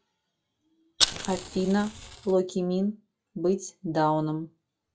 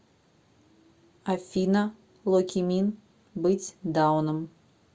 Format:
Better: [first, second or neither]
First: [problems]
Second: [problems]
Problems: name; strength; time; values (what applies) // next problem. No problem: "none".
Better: second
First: noise reduction (classical method log-MMSE)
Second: none